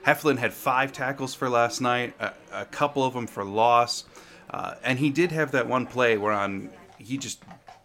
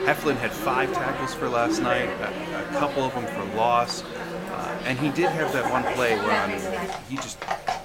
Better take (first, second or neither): first